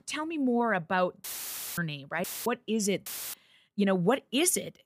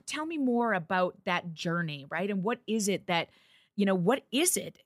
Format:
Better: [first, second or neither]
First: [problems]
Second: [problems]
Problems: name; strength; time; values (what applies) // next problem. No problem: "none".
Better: second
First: audio cutting out; filled with static; at 1 s for 0.5 s, at 2 s and at 3 s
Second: none